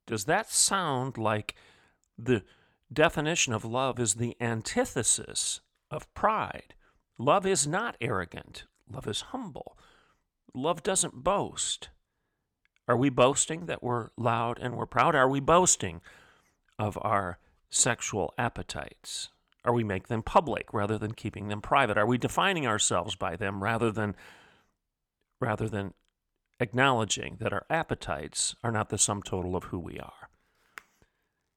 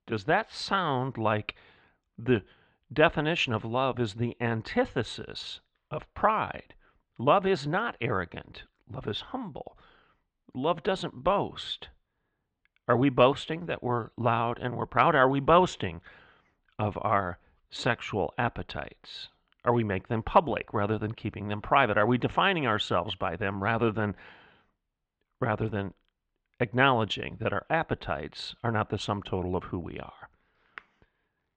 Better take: first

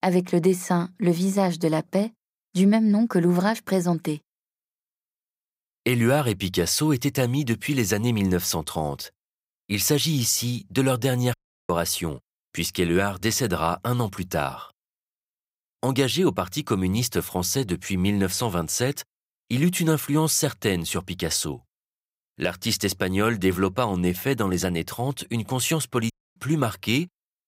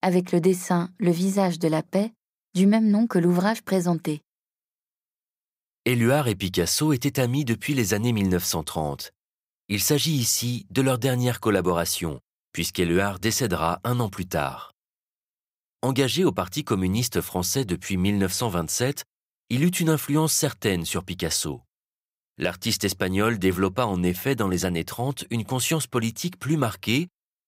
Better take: second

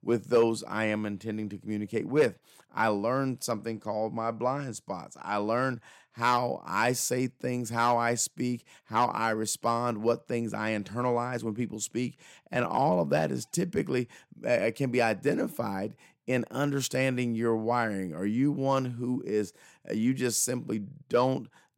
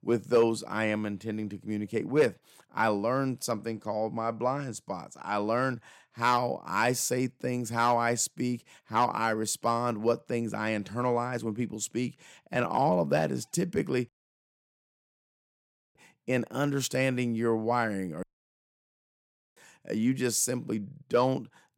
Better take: first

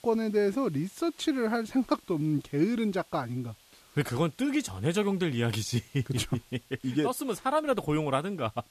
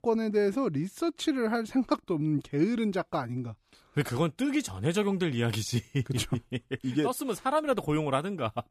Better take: second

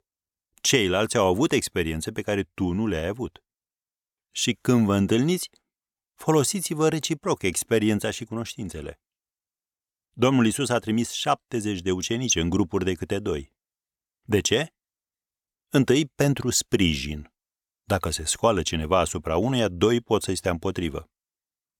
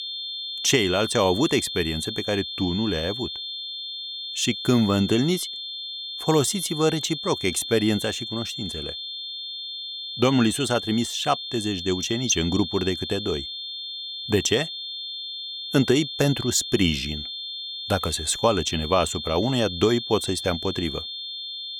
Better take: first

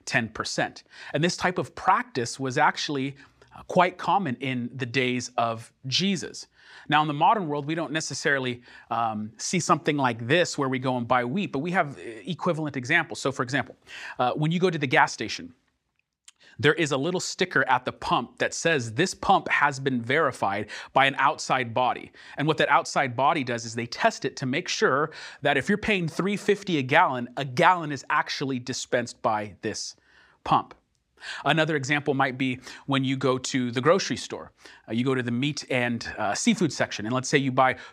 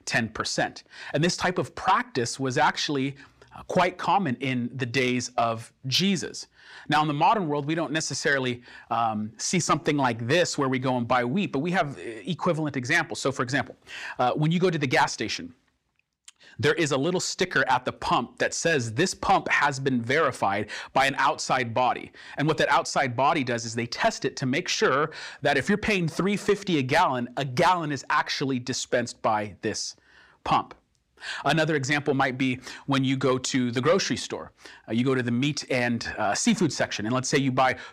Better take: first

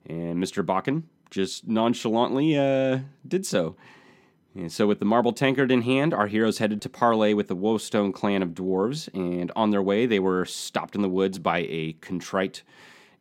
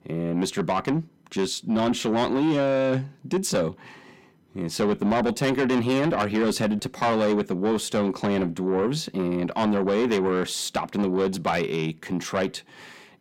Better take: first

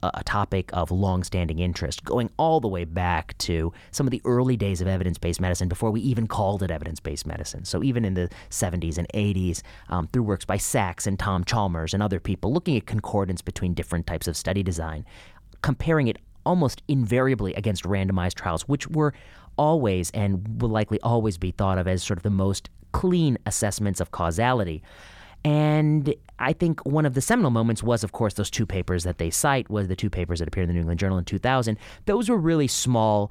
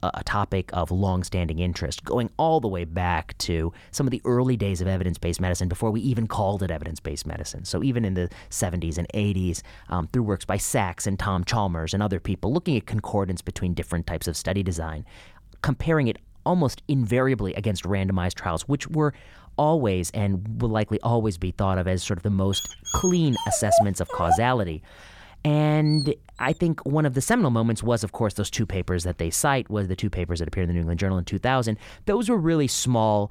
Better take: first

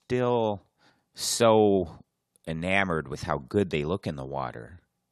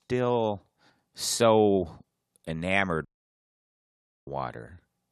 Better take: first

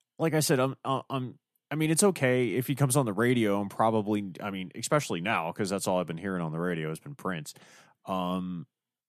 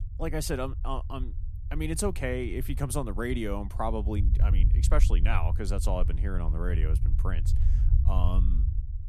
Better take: first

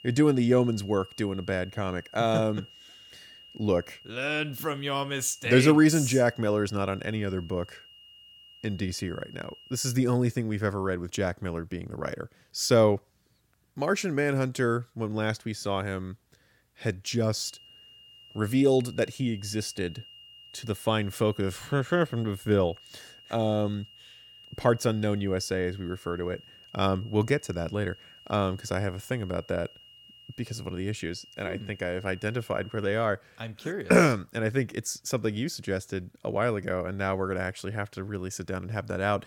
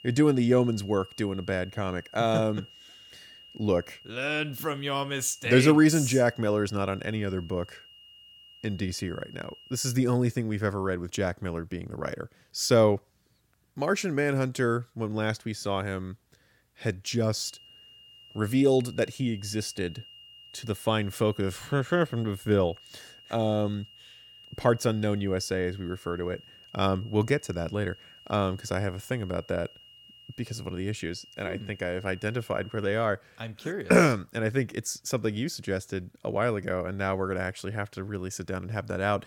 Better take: neither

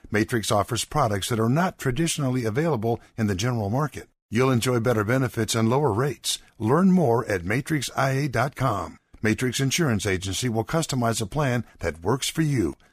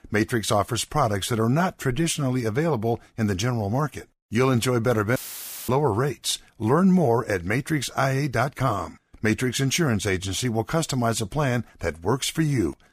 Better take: first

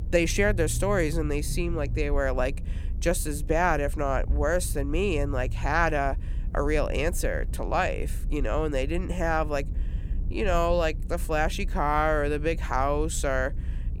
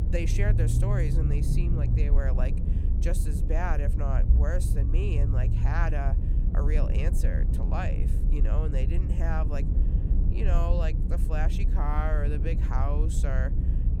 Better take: first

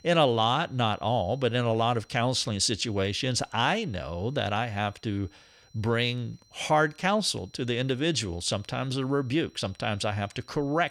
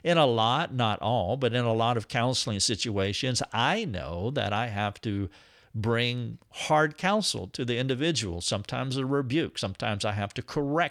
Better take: second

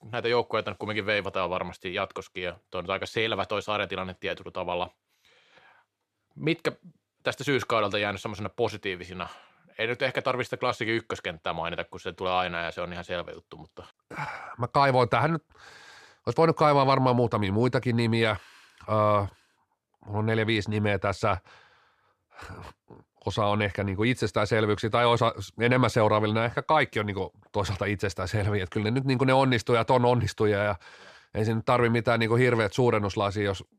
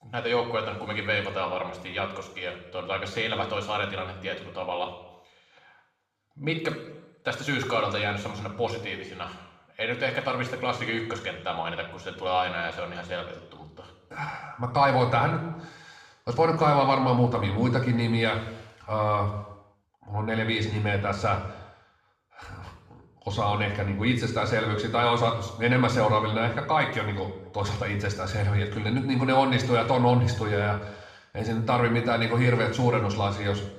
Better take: first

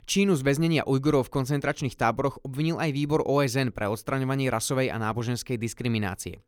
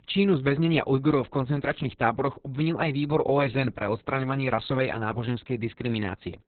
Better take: first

